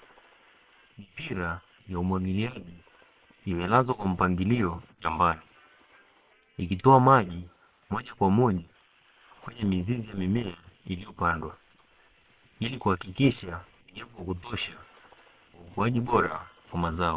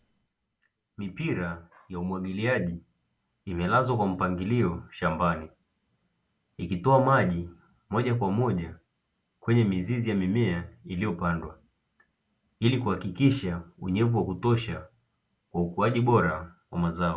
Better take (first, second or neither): second